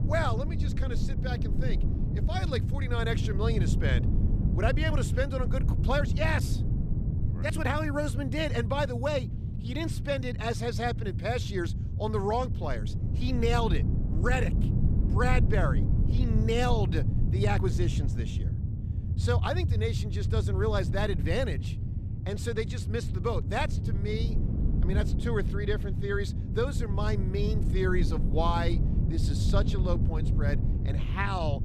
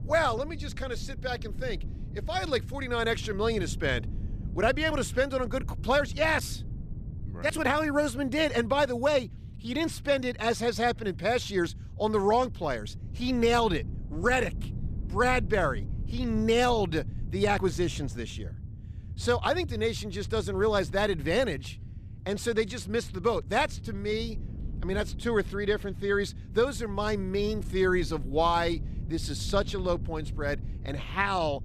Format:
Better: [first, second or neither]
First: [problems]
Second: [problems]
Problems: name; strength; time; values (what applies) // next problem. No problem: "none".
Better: second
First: low rumble; loud; throughout; 9 dB below the speech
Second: low rumble; faint; throughout; 25 dB below the speech